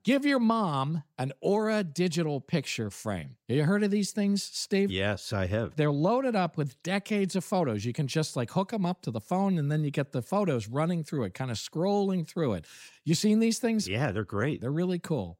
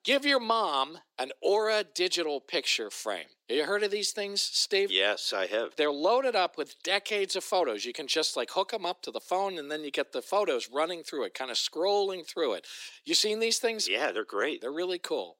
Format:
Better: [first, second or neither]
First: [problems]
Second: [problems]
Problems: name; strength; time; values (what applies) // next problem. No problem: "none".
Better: first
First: none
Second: thin; very; fading below 350 Hz